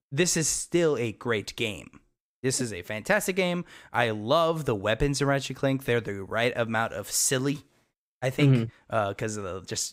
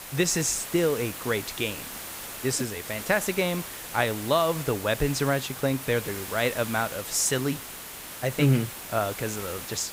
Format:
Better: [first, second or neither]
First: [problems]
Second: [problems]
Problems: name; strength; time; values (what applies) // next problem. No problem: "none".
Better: first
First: none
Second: hiss; loud; throughout; 9 dB below the speech